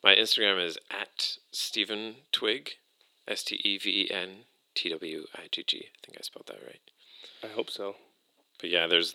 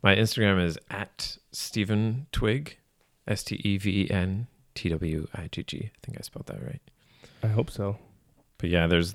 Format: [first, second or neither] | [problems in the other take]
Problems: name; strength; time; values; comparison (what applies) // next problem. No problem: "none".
second | thin; very; fading below 350 Hz